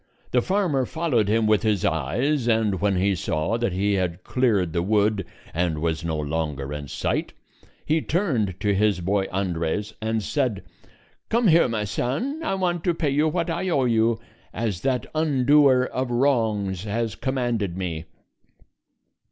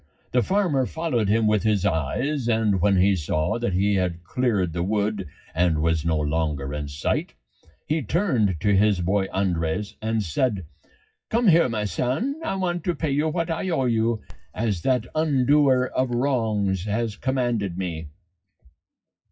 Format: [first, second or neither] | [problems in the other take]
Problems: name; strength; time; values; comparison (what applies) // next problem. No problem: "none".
first | noise reduction (classical method WPE with log-MMSE)